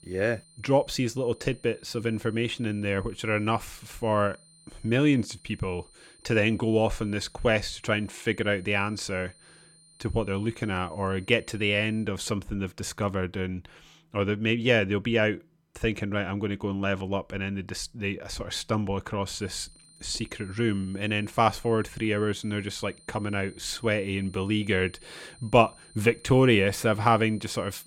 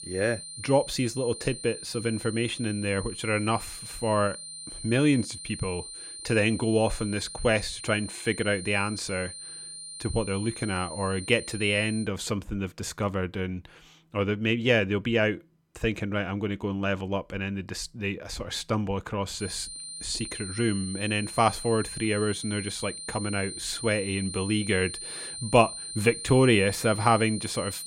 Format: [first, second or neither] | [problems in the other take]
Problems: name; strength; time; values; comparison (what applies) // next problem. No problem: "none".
first | high-pitched whine; loud; until 12 s and from 19 s on; 9 kHz, 9 dB below the speech; faint in the first